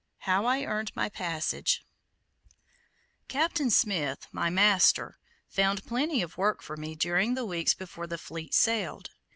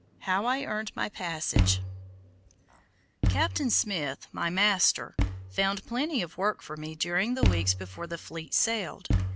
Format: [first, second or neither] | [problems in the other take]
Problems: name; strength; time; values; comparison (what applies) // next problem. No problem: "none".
first | background sound (Thump, thud); 1 dB below the speech